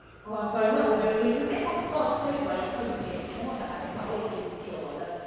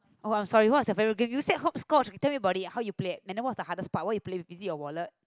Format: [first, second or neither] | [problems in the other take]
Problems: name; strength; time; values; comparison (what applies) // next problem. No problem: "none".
second | background sound (Aircraft); 14 dB below the speech // room echo; dies away in 1.9 s